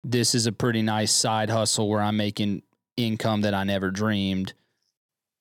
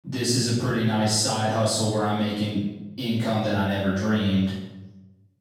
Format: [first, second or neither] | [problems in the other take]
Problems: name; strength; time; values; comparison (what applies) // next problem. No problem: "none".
first | room echo; strong; dies away in 0.8 s // off-mic speech; far